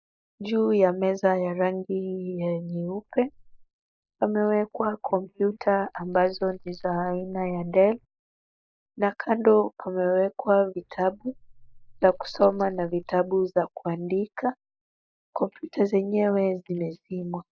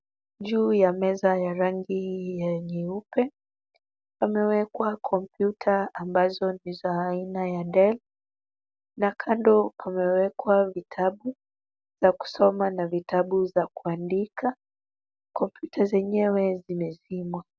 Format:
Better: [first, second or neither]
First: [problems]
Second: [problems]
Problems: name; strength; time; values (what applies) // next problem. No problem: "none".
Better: second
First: noise reduction (neural mask model Resemble Enhance denoiser)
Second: none